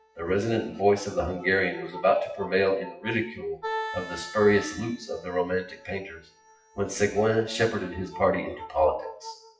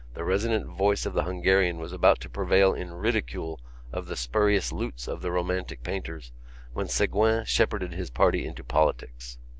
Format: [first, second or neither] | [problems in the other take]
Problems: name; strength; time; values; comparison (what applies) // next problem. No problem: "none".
second | noise reduction (classical method WPE with log-MMSE)